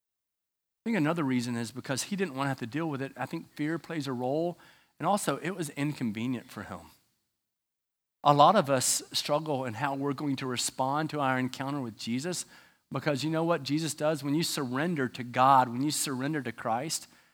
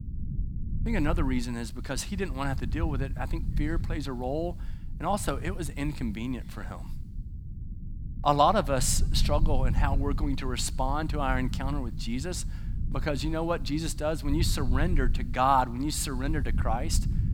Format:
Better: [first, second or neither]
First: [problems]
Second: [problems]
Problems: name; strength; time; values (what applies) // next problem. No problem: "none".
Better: first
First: none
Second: low rumble; noticeable; throughout; 20 dB below the speech